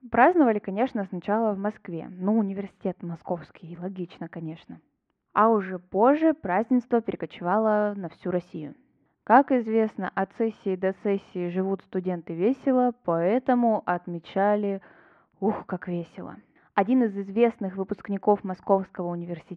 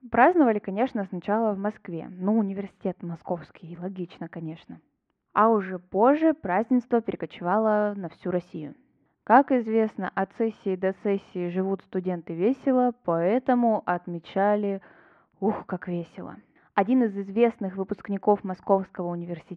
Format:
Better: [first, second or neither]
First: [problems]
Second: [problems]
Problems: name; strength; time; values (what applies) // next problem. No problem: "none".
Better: neither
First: muffled; very; fading above 2.5 kHz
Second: muffled; very; fading above 2.5 kHz